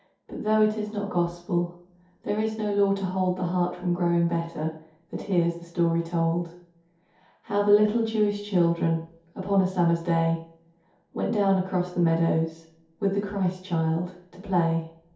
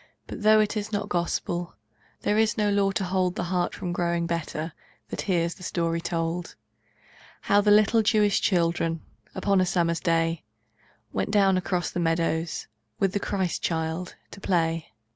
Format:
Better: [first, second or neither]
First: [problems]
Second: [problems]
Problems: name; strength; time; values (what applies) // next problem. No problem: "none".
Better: second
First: room echo; dies away in 0.6 s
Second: none